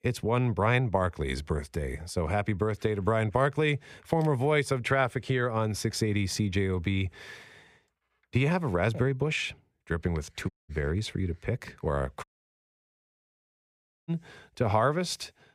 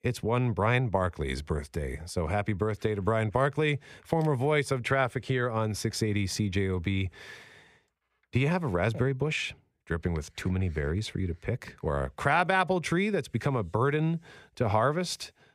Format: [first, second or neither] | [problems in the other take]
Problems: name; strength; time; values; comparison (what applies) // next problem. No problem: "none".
second | audio cutting out; at 11 s and at 12 s for 2 s